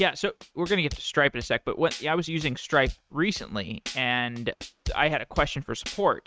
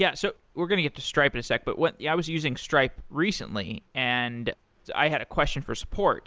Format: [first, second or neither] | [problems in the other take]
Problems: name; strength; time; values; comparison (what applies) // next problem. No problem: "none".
second | noise reduction (neural mask model RNNoise)